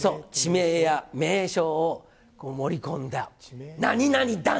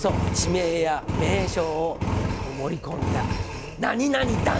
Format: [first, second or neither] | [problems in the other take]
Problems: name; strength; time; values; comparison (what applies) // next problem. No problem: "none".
first | background sound (Engine); 1 dB below the speech